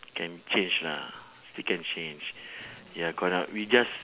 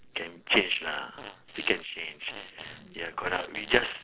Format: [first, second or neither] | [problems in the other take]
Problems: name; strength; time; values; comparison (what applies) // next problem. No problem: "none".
first | noise reduction (neural separator model SepFormer DNS4)